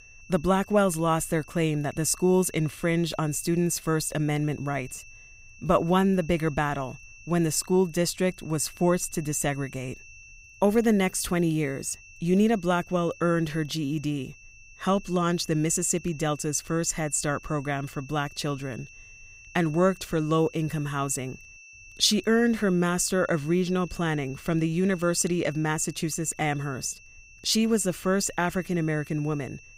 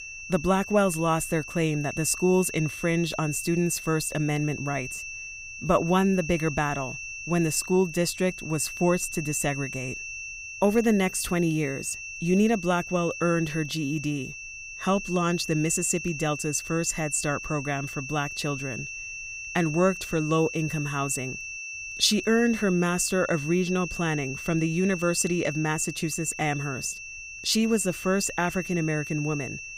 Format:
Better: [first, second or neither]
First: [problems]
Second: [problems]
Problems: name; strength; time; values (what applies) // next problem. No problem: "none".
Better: first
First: high-pitched whine; faint; throughout; 2.5 kHz, 20 dB below the speech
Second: high-pitched whine; loud; throughout; 2.5 kHz, 9 dB below the speech